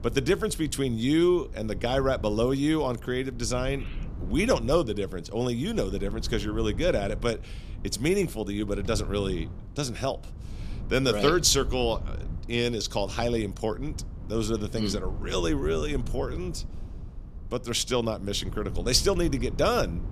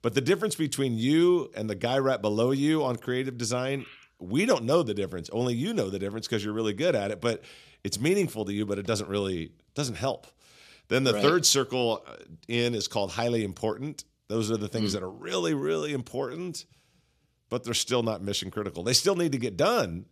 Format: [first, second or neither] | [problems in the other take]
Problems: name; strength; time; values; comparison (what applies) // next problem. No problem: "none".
second | wind noise on the microphone; occasional gusts; 20 dB below the speech